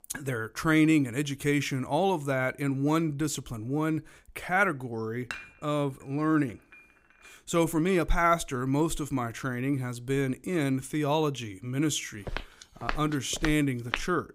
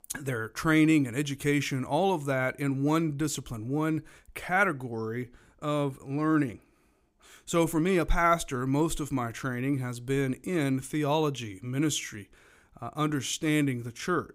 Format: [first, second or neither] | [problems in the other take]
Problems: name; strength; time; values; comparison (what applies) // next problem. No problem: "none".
second | clattering dishes; faint; from 5.5 to 6.5 s; peak 10 dB below the speech // footsteps; noticeable; from 12 s on; peak 6 dB below the speech